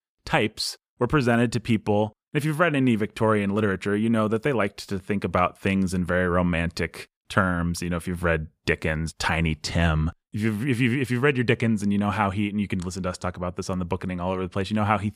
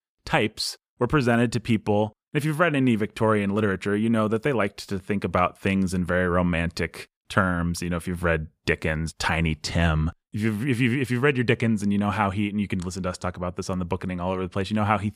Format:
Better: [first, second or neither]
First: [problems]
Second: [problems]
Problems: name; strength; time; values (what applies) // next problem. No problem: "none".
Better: neither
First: none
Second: none